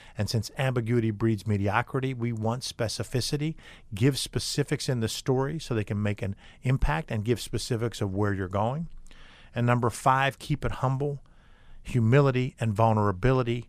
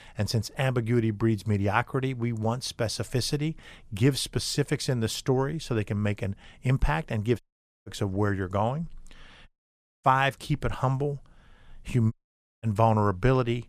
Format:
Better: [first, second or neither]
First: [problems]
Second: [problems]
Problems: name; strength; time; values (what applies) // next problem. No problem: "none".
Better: first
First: none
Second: audio cutting out; at 7.5 s, at 9.5 s for 0.5 s and at 12 s for 0.5 s